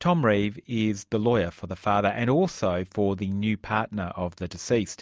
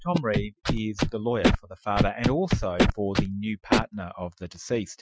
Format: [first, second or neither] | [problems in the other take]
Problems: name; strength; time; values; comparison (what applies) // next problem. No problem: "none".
first | noise reduction (classical method Wiener filter)